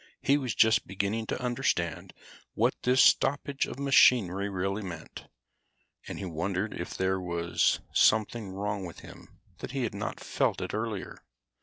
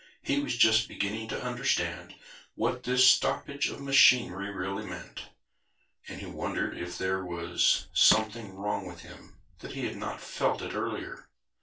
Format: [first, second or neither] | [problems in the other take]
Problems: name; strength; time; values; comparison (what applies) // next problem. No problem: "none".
first | background sound (Crushing); 6 dB below the speech // room echo; dies away in 0.2 s